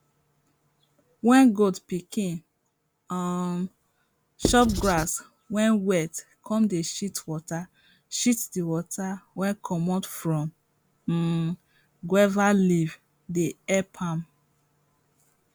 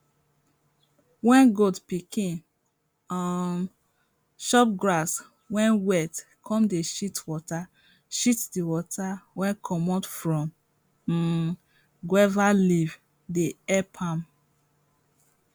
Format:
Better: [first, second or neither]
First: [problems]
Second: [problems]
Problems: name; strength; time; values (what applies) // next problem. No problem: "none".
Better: second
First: background sound (Writing); 2 dB below the speech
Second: none